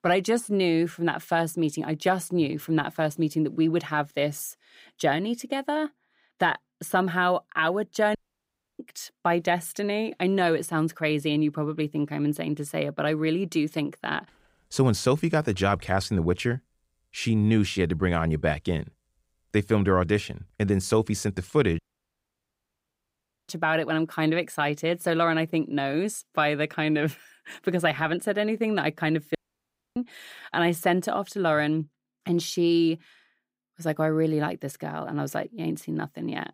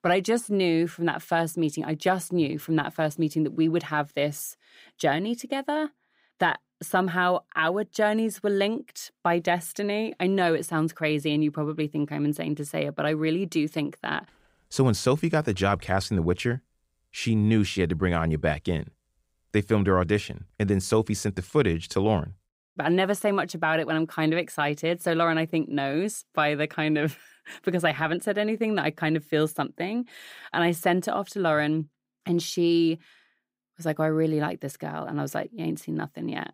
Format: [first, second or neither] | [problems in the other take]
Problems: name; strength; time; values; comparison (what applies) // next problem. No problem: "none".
second | audio cutting out; at 8 s for 0.5 s, at 22 s for 1.5 s and at 29 s for 0.5 s